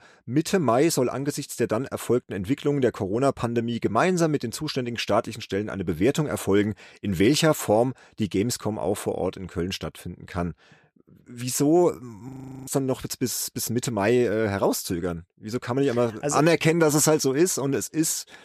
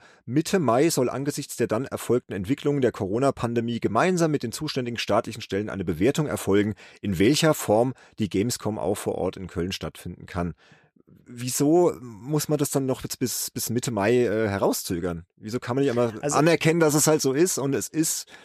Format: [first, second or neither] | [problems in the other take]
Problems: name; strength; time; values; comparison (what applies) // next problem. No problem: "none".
second | audio freezing; at 12 s